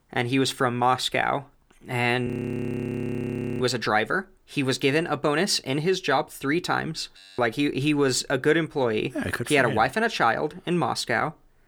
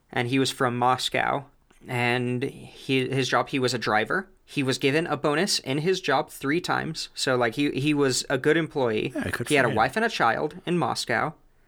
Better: second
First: audio freezing; at 2.5 s for 1.5 s and at 7 s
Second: none

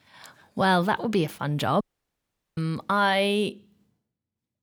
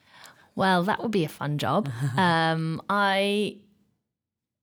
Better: second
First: audio cutting out; at 2 s for 1 s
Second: none

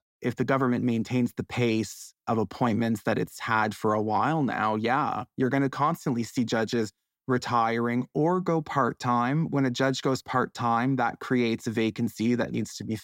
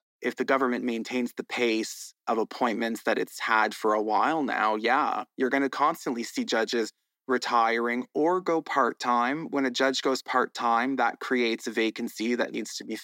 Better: first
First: none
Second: thin; very slightly; fading below 250 Hz

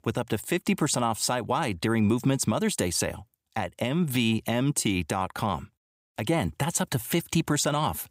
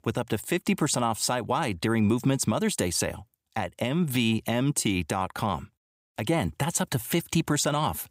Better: neither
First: none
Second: none

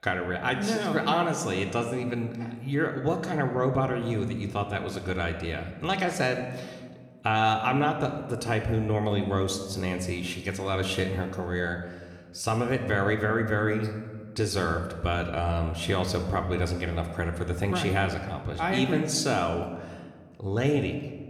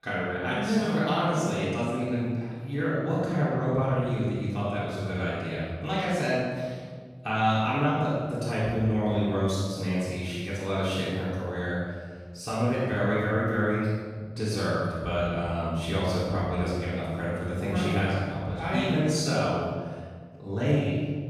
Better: first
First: room echo; slight; dies away in 1.1 s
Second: room echo; strong; dies away in 1.6 s // off-mic speech; far

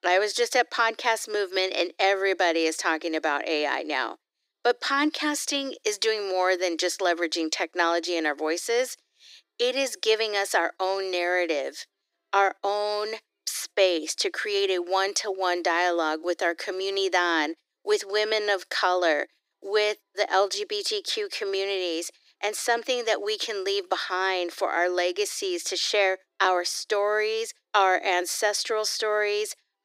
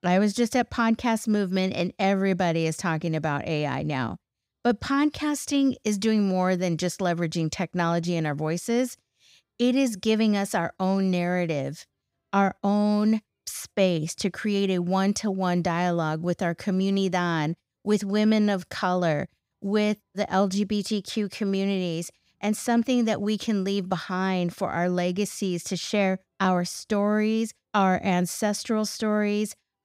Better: second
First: thin; very; fading below 300 Hz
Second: none

